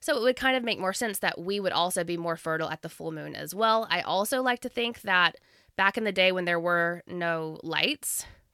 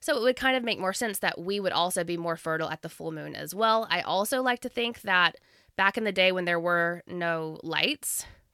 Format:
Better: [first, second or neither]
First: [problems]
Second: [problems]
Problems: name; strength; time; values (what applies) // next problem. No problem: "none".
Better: neither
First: none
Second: none